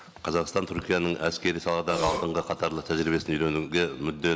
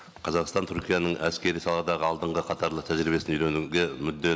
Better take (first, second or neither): second